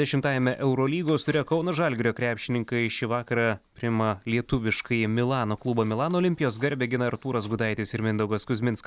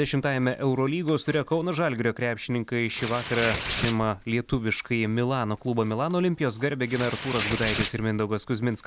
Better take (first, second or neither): first